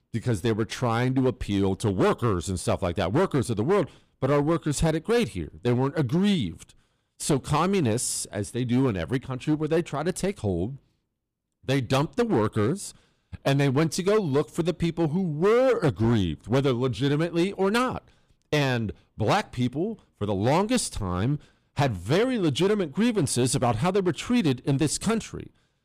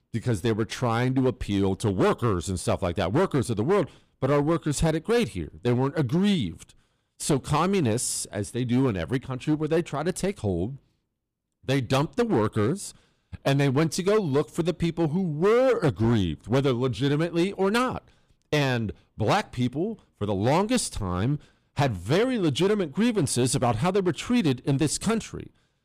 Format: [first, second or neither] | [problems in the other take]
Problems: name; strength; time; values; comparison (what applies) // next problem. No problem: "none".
neither | distortion; slight; 7% of the sound clipped; the same in both